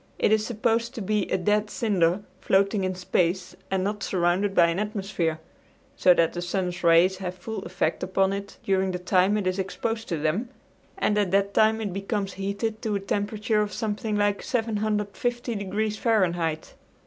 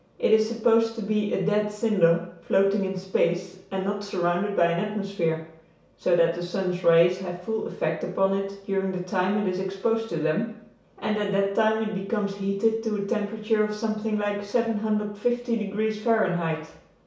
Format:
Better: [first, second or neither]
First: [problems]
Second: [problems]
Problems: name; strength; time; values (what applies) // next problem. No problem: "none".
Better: first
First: none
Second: room echo; dies away in 0.6 s